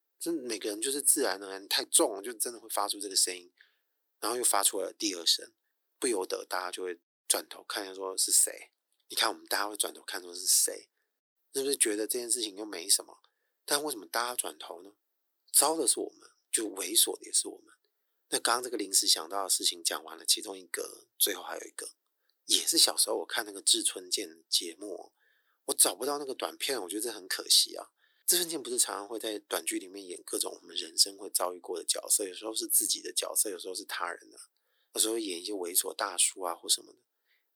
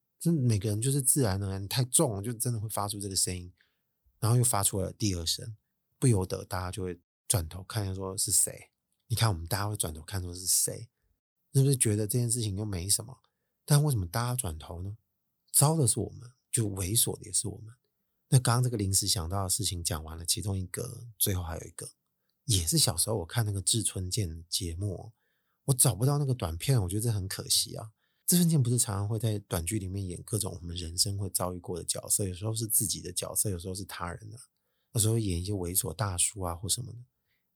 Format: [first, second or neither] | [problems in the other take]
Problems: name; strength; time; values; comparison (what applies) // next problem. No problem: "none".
second | thin; very; fading below 300 Hz